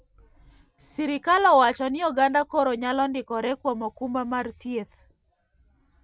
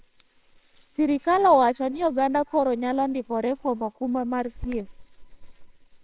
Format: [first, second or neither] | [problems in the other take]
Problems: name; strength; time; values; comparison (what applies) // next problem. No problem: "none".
first | noise reduction (neural separator model SepFormer WHAMR!)